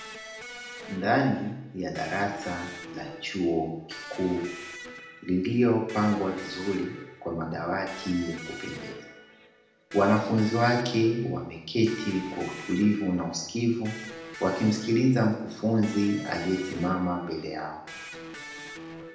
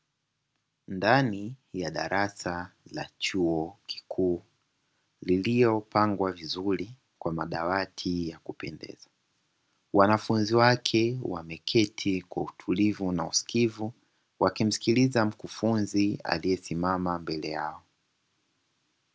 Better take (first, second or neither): second